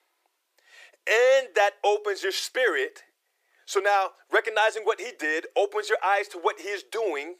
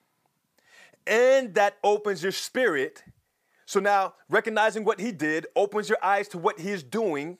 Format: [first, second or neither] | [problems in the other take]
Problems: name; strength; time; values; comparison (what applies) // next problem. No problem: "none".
second | thin; very; fading below 350 Hz